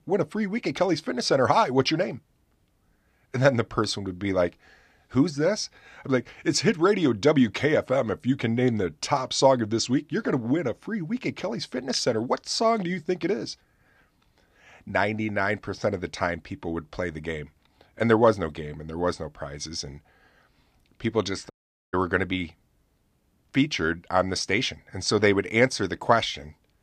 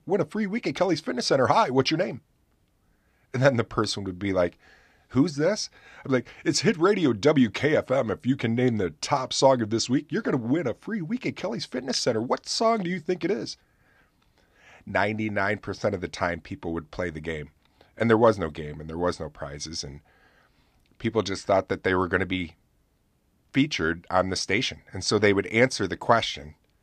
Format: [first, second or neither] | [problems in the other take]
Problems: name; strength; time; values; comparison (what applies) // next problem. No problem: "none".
second | audio cutting out; at 22 s